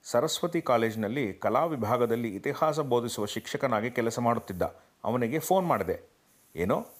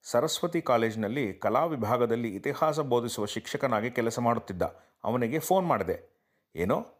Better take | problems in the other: second | hiss; faint; throughout; 30 dB below the speech

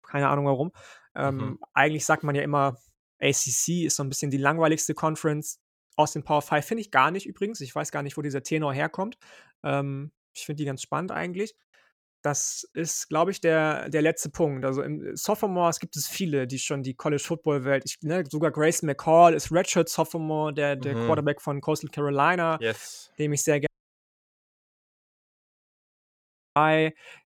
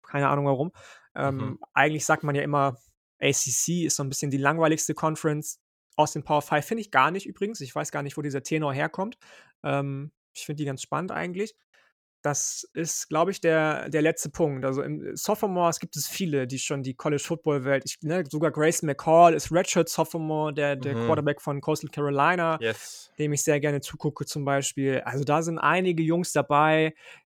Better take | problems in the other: second | audio cutting out; at 24 s for 3 s

